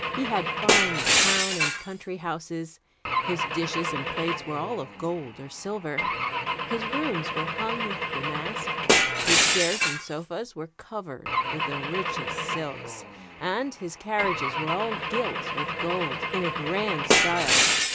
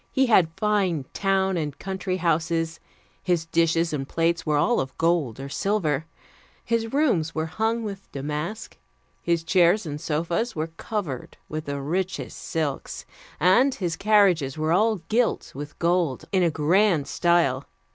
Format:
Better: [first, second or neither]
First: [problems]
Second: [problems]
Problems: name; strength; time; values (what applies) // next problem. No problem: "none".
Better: second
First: background sound (Glass / Engine / Car); 5 dB above the speech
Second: none